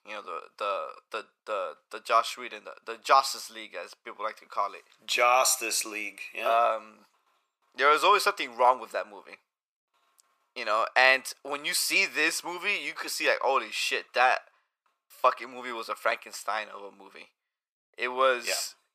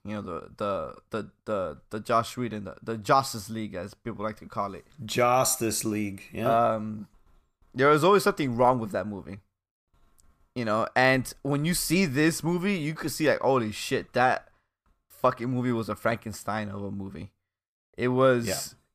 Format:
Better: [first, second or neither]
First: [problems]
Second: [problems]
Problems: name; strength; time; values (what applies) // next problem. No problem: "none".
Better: second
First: thin; very; fading below 500 Hz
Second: none